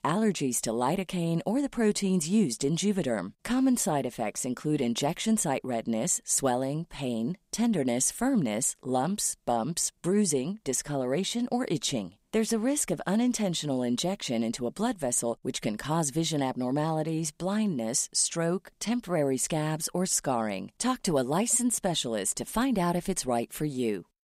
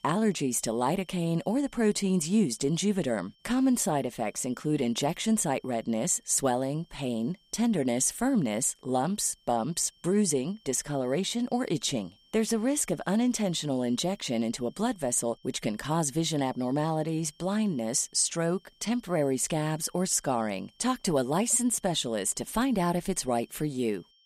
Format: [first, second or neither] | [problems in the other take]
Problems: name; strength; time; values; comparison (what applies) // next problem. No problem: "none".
first | high-pitched whine; faint; throughout; 3 kHz, 35 dB below the speech